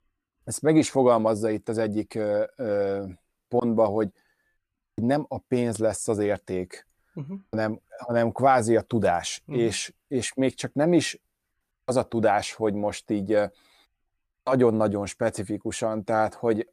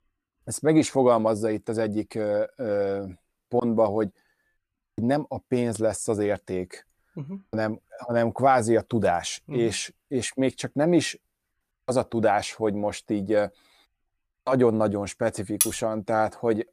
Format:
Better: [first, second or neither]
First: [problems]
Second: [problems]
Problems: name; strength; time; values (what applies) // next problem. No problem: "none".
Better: first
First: none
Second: clattering dishes; loud; at 16 s; peak 1 dB above the speech